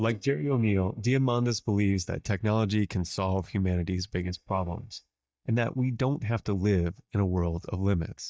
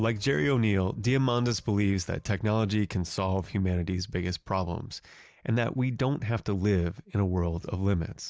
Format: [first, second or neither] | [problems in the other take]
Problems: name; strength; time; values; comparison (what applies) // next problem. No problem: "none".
second | noise reduction (neural mask model DeepFilterNet 3)